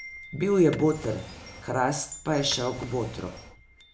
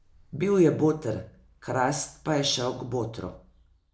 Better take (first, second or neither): second